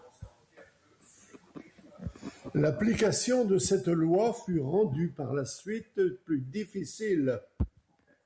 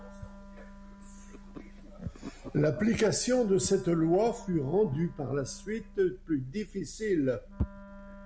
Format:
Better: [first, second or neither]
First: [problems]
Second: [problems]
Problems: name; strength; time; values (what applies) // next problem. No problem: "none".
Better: first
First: none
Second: background sound (Motor vehicle (road) / Engine + Wind instrument, woodwind instrument); 18 dB below the speech